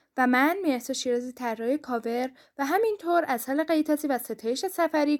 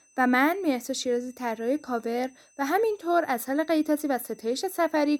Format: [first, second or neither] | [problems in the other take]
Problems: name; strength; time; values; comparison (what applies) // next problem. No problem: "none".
first | high-pitched whine; faint; throughout; 6 kHz, 30 dB below the speech